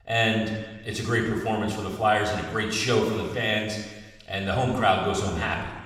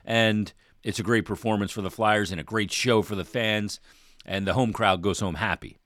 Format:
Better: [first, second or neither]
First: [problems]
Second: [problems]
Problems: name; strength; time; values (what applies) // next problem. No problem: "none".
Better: second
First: room echo; noticeable; dies away in 1.1 s // off-mic speech; somewhat distant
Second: none